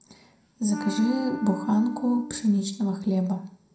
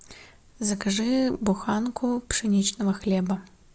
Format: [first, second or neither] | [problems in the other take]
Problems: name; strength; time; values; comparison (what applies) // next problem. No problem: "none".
second | background sound (Wind instrument, woodwind instrument); 10 dB below the speech // room echo; dies away in 0.4 s